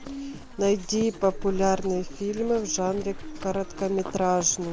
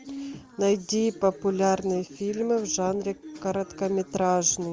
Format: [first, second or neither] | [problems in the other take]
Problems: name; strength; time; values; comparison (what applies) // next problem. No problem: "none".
second | background sound (Livestock, farm animals, working animals); 11 dB below the speech